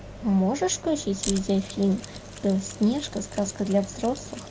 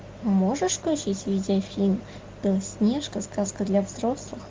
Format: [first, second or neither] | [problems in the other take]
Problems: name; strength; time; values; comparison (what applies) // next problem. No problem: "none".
second | background sound (Mechanisms); 16 dB below the speech